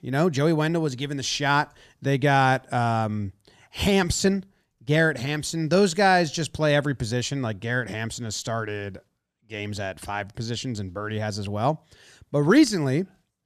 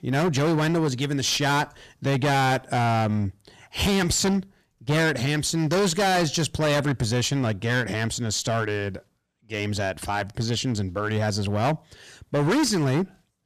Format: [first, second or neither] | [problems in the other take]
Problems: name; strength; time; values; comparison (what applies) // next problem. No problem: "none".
first | distortion; heavy; 17% of the sound clipped